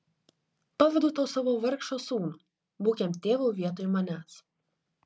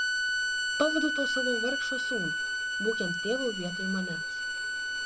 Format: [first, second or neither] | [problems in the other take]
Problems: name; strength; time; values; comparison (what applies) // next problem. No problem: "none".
first | background sound (Bowed string instrument); 3 dB above the speech